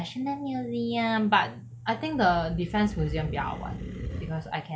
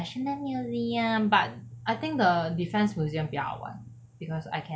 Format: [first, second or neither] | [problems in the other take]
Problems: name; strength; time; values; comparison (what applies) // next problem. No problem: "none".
second | background sound (Animal); 9 dB below the speech